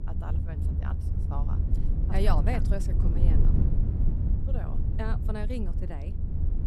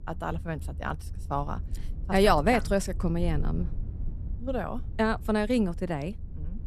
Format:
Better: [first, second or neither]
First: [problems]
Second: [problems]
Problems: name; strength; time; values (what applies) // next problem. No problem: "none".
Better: second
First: low rumble; loud; throughout; 4 dB below the speech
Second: low rumble; faint; throughout; 25 dB below the speech